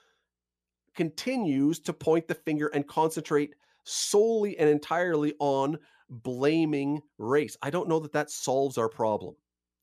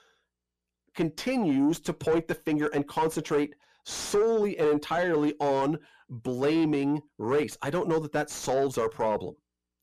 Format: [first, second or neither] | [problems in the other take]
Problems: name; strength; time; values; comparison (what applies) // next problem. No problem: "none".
first | distortion; slight; 9 dB below the speech